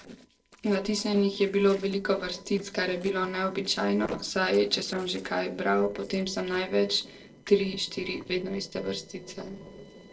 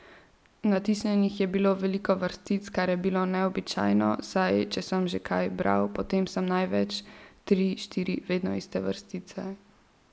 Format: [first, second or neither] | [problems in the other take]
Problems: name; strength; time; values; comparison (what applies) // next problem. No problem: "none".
second | noise reduction (neural separator model SepFormer DNS4)